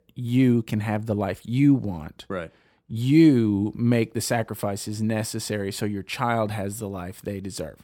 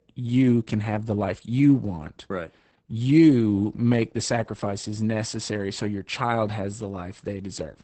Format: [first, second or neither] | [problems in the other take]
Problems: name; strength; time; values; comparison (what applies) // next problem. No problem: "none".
first | garbled, watery; badly; nothing above 8 kHz